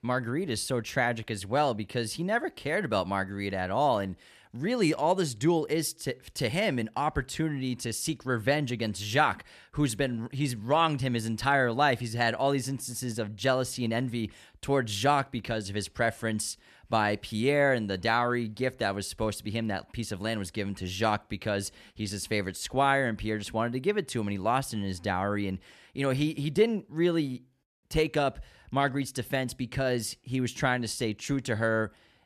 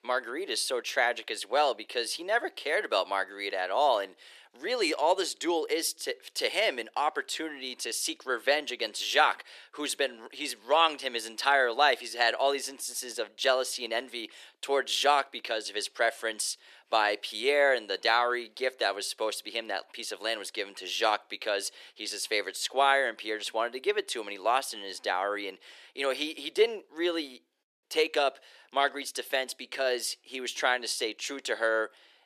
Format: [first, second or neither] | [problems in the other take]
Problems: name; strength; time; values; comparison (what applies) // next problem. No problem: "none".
first | thin; very; fading below 350 Hz